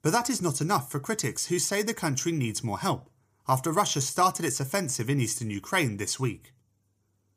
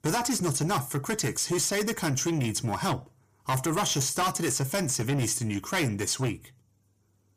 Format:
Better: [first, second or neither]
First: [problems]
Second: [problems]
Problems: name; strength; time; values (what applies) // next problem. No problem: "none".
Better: first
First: none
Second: distortion; heavy; 7 dB below the speech